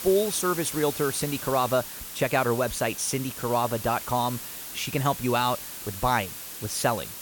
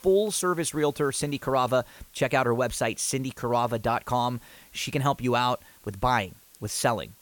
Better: second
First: hiss; loud; throughout; 8 dB below the speech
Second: hiss; faint; throughout; 25 dB below the speech

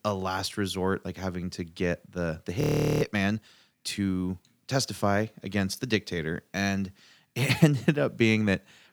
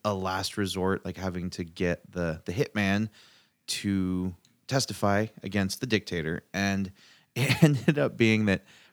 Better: second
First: audio freezing; at 2.5 s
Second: none

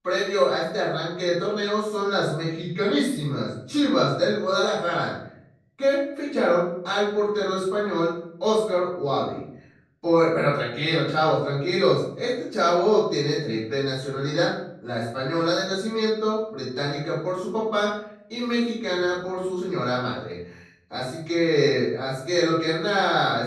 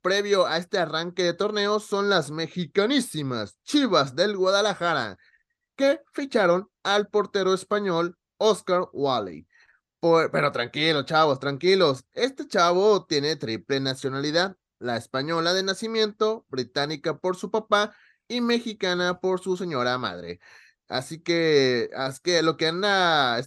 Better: second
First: off-mic speech; far // room echo; noticeable; dies away in 0.6 s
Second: none

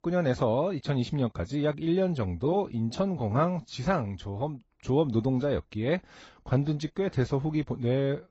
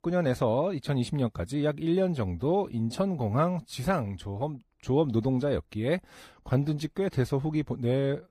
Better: second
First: garbled, watery; badly; nothing above 8 kHz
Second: garbled, watery; slightly; nothing above 15 kHz

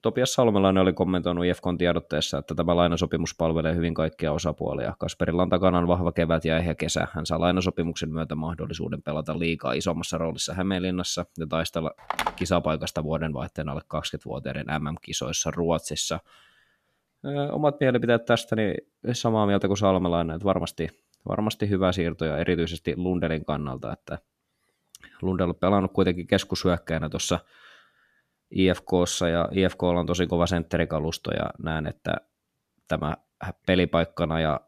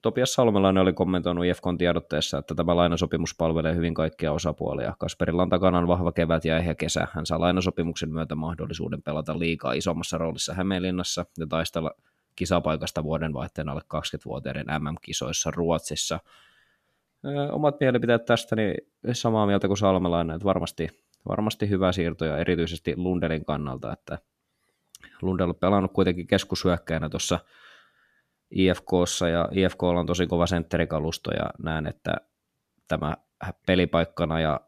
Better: second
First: phone ringing; noticeable; at 12 s; peak 3 dB below the speech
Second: none

